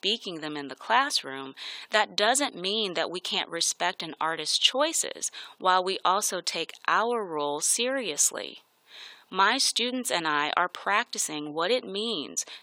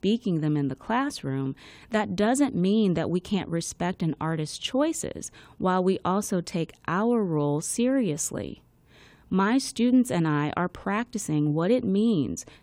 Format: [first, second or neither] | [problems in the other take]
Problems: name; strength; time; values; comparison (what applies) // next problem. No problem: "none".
second | thin; very; fading below 750 Hz